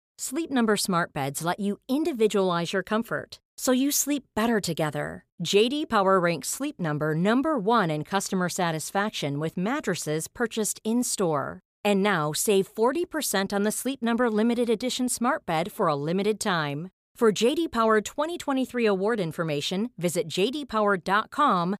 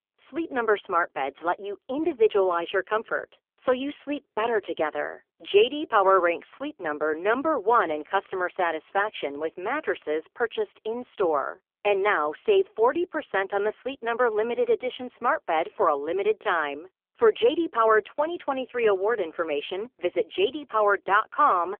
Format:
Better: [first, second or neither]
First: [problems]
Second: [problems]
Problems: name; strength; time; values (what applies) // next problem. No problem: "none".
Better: first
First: none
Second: phone-call audio; poor line; nothing above 3.5 kHz